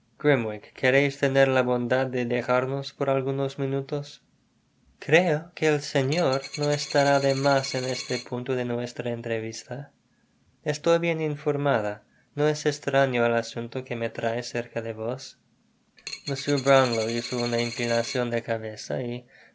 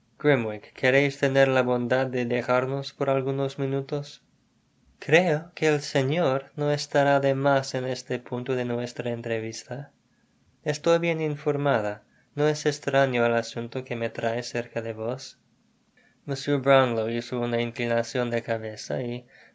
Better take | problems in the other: second | background sound (Coin (dropping)); 11 dB below the speech

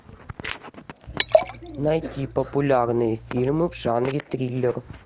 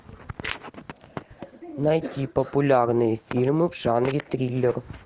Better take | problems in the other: second | background sound (Liquid); 3 dB below the speech

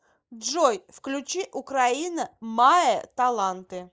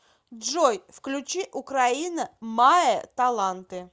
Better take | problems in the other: second | noise reduction (neural mask model Resemble Enhance denoiser)

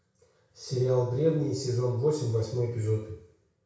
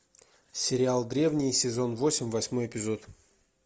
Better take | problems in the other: second | room echo; dies away in 0.6 s

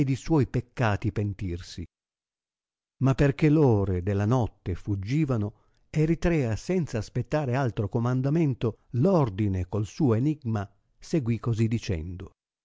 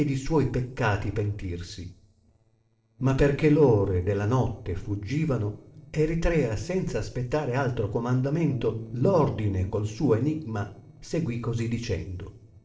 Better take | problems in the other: first | noise reduction (neural separator model SepFormer DNS4)

